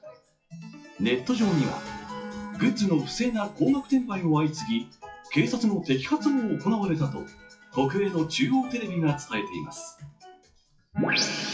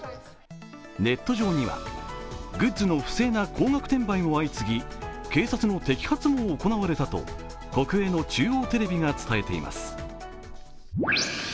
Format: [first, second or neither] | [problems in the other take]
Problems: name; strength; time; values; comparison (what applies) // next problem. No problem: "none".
second | noise reduction (classical method WPE with log-MMSE)